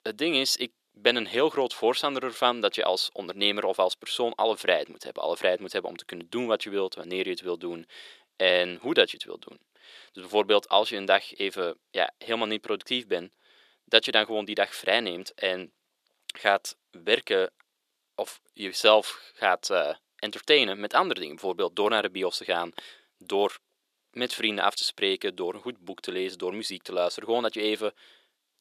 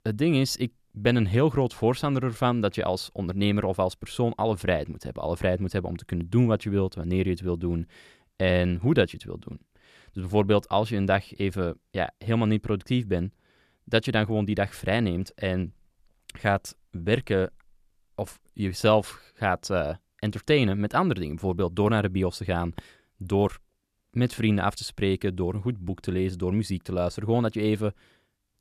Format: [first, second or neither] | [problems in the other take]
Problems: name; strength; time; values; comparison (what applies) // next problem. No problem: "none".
second | thin; very; fading below 400 Hz